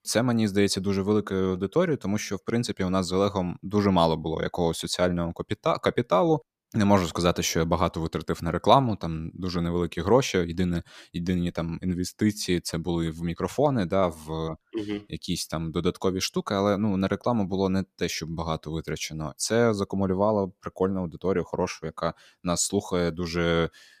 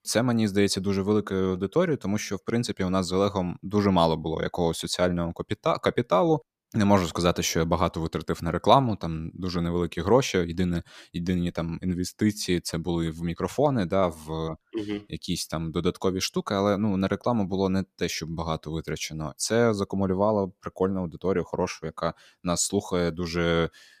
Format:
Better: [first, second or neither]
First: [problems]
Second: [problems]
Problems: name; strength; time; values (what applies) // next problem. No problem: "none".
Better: neither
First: none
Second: none